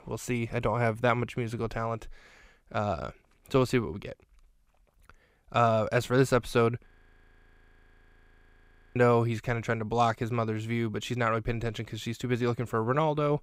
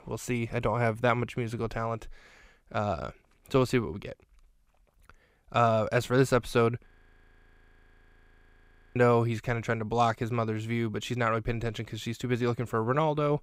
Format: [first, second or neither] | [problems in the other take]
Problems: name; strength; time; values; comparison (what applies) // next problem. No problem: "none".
neither | audio freezing; at 7 s for 2 s; the same in both